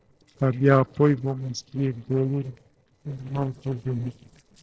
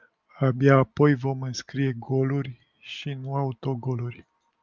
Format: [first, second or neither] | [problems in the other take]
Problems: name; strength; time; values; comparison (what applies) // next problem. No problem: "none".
second | noise reduction (neural separator model SepFormer DNS4)